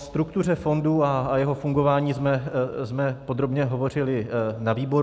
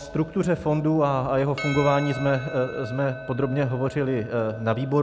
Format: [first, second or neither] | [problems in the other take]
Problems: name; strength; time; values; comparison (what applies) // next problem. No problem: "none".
first | background sound (Percussion); 15 dB below the speech